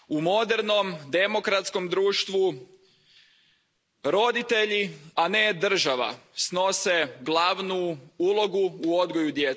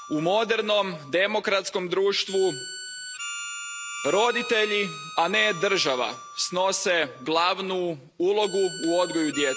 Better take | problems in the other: first | background sound (Harmonica); 13 dB below the speech

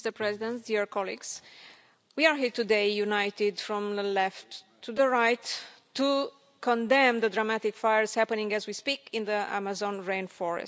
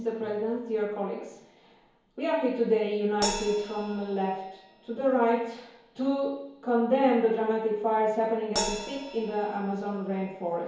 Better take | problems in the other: first | background sound (Crash cymbal); 13 dB below the speech // room echo; dies away in 1 s

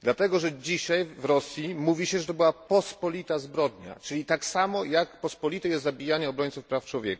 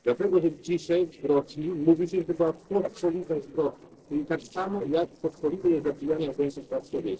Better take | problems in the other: first | noise reduction (neural separator model SepFormer DNS4)

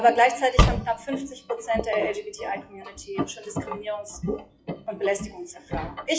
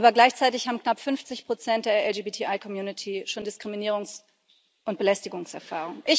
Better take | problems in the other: second | noise reduction (classical method WPE with log-MMSE)

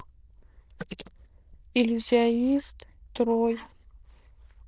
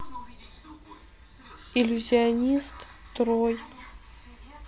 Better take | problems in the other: second | noise reduction (neural diffusion model UNIVERSE++)

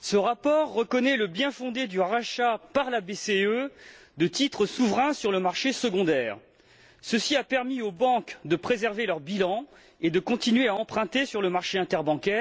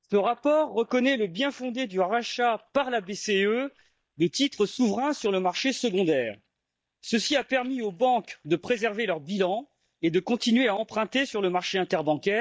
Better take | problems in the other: first | noise reduction (neural mask model DeepFilterNet 3)

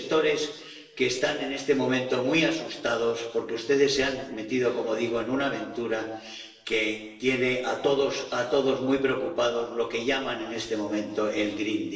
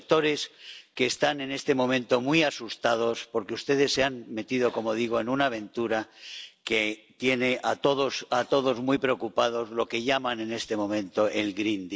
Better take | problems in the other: second | room echo; dies away in 1 s

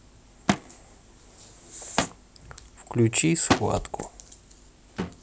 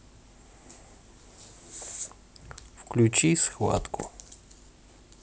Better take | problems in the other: second | background sound (Thump, thud); 3 dB below the speech

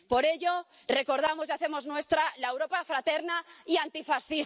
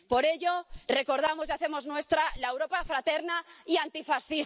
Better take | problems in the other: first | background sound (Walk, footsteps); 19 dB below the speech

